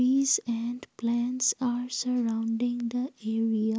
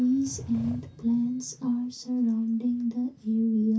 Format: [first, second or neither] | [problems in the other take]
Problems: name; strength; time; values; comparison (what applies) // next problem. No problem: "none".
first | background sound (Sliding door); 18 dB below the speech // room echo; dies away in 0.3 s